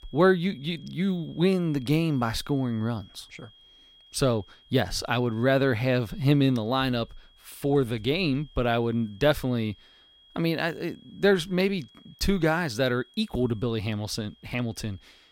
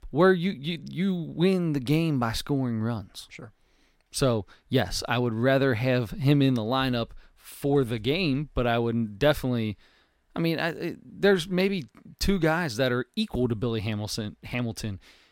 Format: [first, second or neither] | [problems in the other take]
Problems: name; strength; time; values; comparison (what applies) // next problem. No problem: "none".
second | high-pitched whine; faint; throughout; 3.5 kHz, 30 dB below the speech